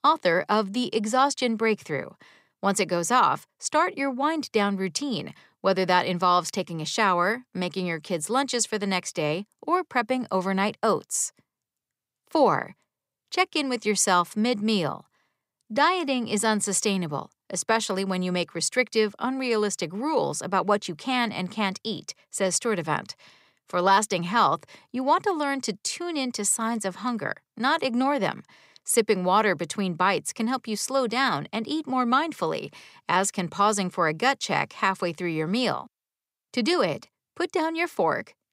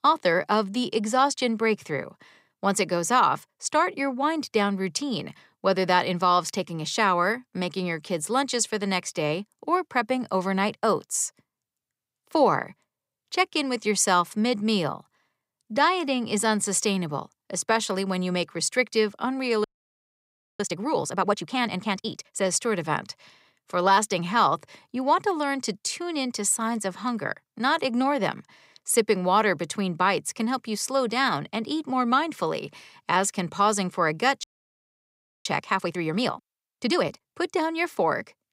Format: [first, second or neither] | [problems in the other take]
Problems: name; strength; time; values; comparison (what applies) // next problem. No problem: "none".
first | audio freezing; at 20 s for 1 s and at 34 s for 1 s